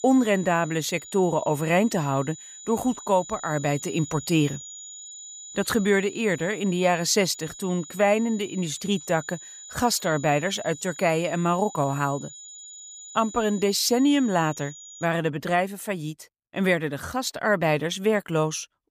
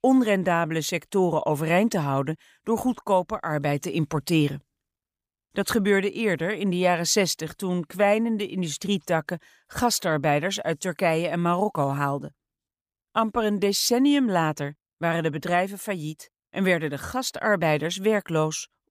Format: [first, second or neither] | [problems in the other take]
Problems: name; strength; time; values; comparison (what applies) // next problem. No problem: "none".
second | high-pitched whine; noticeable; until 15 s; 7 kHz, 15 dB below the speech